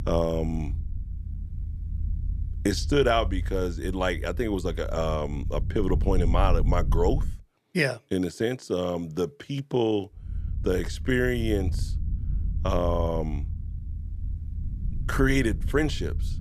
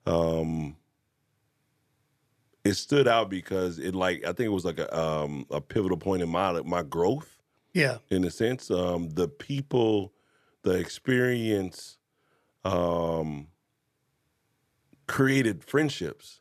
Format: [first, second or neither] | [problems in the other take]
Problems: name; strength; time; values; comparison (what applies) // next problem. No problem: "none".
second | low rumble; noticeable; until 7.5 s and from 10 s on; 20 dB below the speech